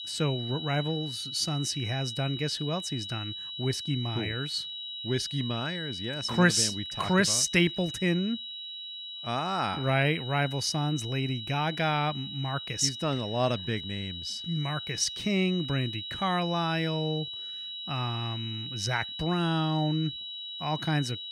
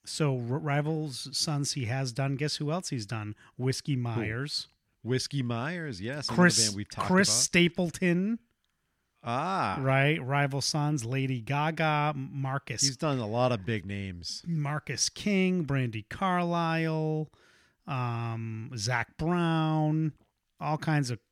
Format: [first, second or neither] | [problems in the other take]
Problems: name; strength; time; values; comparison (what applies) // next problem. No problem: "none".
second | high-pitched whine; loud; throughout; 4 kHz, 7 dB below the speech